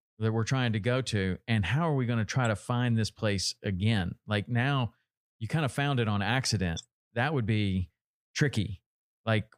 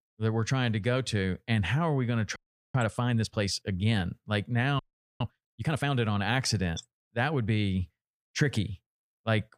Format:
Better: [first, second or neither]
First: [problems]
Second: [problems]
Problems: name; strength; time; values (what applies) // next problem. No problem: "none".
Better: first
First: none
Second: audio freezing; at 2.5 s and at 5 s